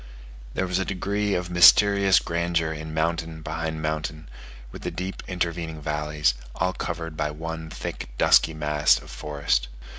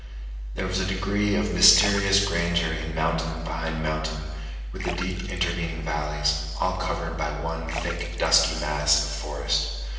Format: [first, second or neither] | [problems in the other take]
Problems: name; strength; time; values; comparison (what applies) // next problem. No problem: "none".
first | background sound (Splash, splatter); 15 dB below the speech // room echo; dies away in 1.3 s